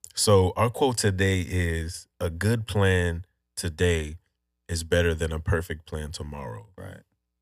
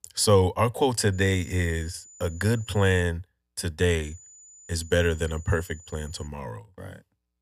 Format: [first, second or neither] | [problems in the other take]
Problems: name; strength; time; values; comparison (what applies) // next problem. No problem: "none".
first | high-pitched whine; faint; from 1 to 3 s and from 4 to 6.5 s; 7 kHz, 20 dB below the speech